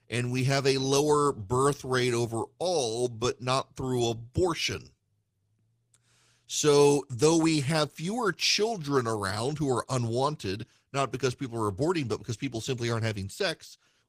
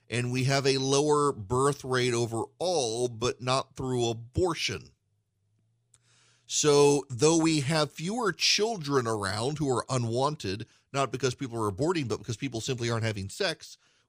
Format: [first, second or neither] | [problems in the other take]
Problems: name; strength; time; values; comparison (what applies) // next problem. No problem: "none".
second | garbled, watery; slightly; nothing above 15 kHz